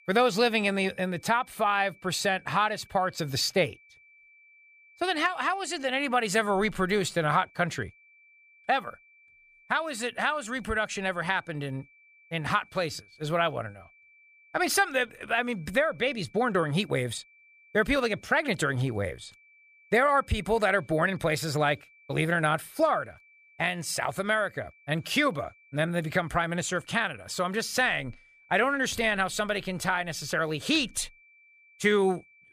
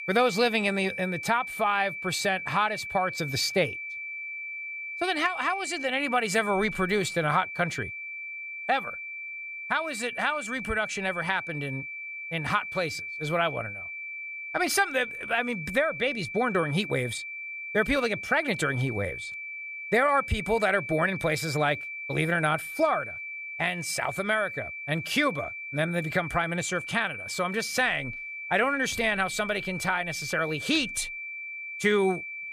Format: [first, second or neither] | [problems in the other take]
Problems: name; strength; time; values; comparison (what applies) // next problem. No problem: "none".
first | high-pitched whine; loud; throughout; 2.5 kHz, 7 dB below the speech; faint in the first